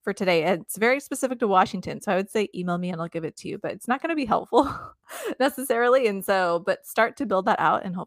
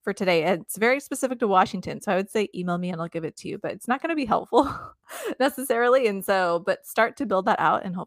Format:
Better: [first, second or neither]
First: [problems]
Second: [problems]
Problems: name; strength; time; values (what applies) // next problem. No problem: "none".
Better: neither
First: none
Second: none